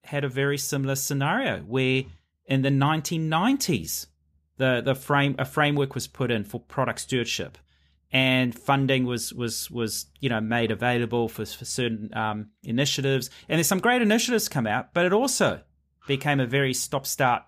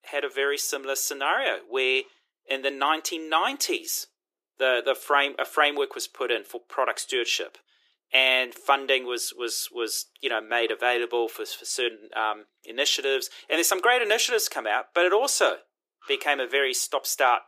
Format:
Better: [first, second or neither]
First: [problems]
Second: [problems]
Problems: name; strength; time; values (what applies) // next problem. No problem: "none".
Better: first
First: none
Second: thin; very; fading below 350 Hz